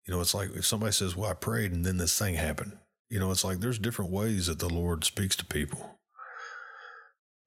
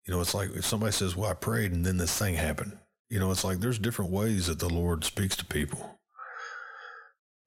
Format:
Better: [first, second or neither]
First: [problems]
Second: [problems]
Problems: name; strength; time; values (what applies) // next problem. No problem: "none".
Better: first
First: none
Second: distortion; slight; 10 dB below the speech